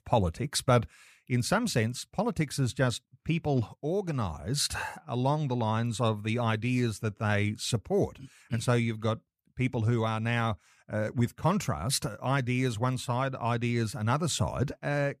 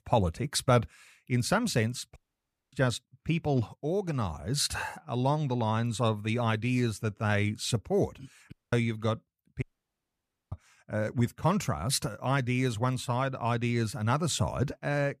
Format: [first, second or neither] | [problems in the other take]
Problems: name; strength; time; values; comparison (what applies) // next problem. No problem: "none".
first | audio cutting out; at 2 s for 0.5 s, at 8.5 s and at 9.5 s for 1 s